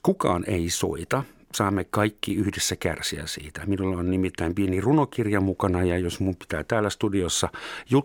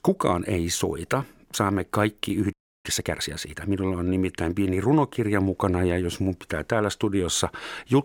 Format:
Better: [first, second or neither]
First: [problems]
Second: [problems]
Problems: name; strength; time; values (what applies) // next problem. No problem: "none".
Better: first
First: none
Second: audio freezing; at 2.5 s